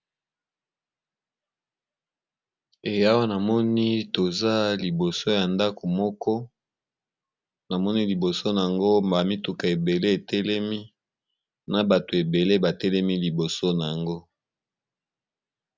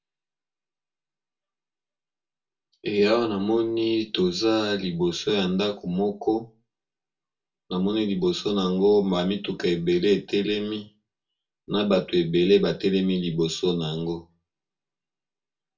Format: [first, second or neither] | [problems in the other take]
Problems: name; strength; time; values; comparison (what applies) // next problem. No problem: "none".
first | room echo; dies away in 0.2 s